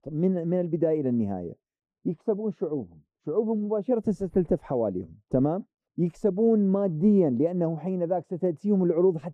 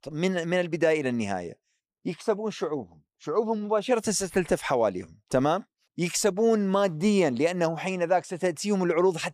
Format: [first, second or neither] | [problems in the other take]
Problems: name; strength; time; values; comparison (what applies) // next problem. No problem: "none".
second | muffled; very; fading above 1 kHz